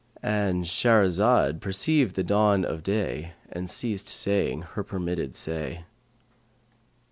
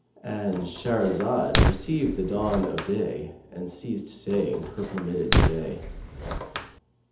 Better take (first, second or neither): first